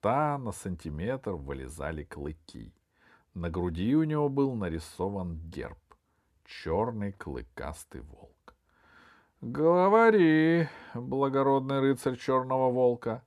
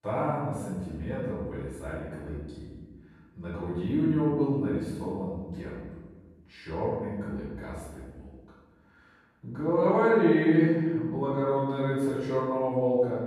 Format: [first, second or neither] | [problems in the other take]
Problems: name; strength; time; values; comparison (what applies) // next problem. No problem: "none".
first | off-mic speech; far // room echo; strong; dies away in 1.4 s